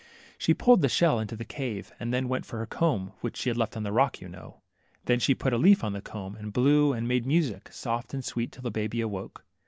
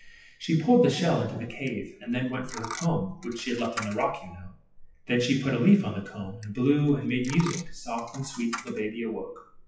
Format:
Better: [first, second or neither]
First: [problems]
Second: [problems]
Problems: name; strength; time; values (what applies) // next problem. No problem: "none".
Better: first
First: none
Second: noise reduction (classical method WPE with log-MMSE)